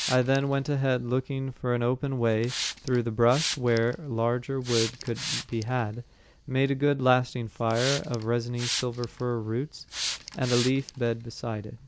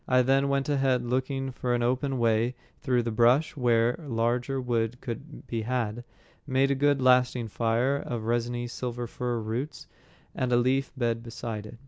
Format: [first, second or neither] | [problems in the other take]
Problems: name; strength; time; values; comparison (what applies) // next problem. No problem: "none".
second | background sound (Hiss); 11 dB below the speech